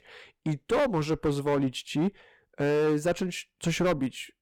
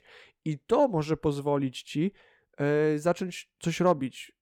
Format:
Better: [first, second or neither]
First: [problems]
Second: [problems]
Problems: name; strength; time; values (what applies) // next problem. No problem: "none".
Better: second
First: distortion; heavy; 10% of the sound clipped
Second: none